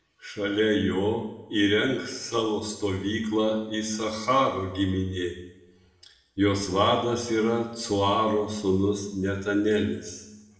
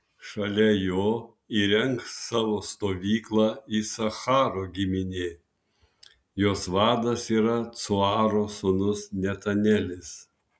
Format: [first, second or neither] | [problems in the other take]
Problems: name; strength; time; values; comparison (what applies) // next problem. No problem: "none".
second | room echo; dies away in 0.9 s